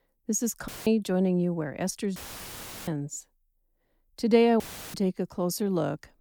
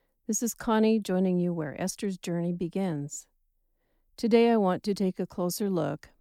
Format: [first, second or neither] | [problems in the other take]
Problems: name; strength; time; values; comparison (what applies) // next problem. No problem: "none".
second | audio cutting out; filled with static; at 0.5 s, at 2 s for 0.5 s and at 4.5 s